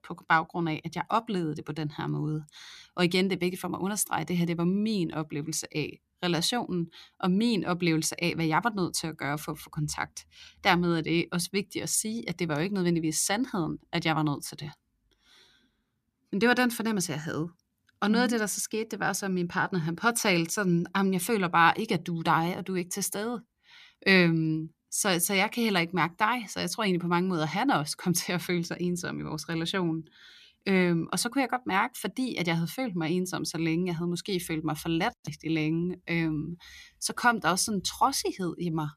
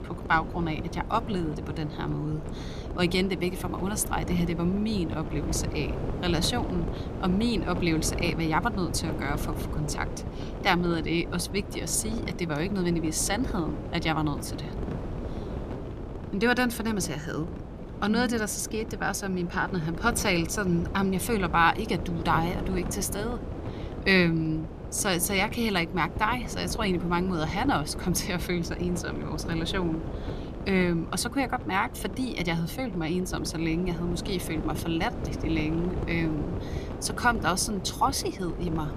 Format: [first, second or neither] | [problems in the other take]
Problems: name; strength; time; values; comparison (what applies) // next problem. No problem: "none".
first | wind noise on the microphone; occasional gusts; 10 dB below the speech